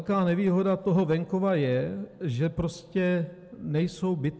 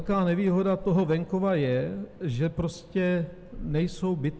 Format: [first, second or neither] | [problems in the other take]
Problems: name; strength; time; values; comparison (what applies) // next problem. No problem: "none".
first | background sound (Subway, metro, underground); 17 dB below the speech